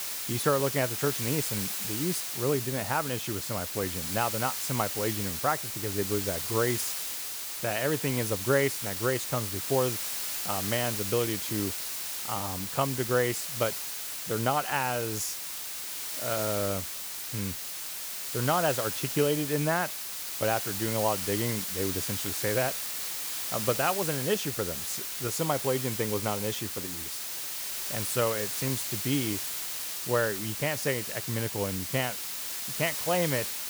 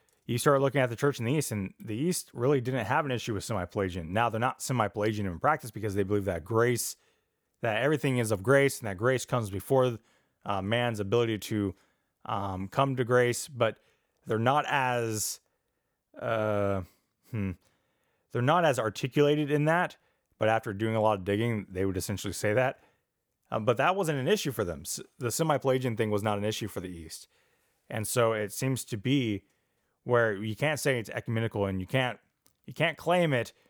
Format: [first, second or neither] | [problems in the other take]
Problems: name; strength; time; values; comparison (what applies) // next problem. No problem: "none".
second | hiss; loud; throughout; 1 dB below the speech